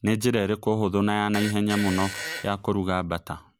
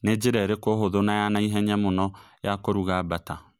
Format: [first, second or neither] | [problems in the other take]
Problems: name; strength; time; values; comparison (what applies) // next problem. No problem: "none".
second | background sound (Fart); 11 dB below the speech